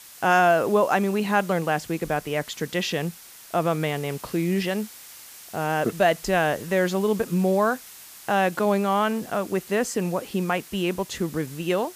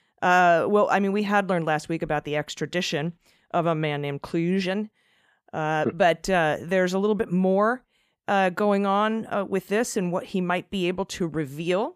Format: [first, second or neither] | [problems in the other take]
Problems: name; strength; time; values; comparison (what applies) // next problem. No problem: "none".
second | hiss; noticeable; throughout; 20 dB below the speech